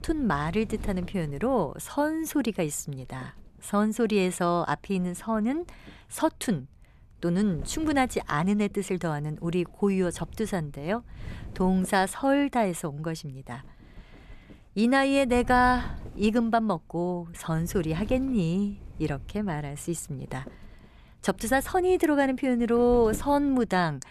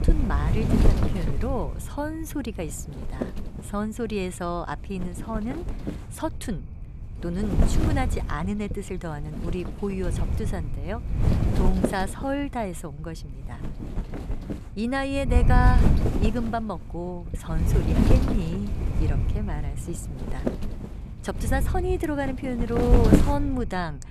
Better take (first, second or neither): first